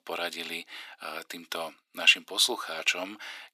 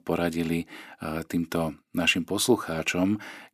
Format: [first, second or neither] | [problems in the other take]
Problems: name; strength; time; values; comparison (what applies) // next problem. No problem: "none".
second | thin; very; fading below 650 Hz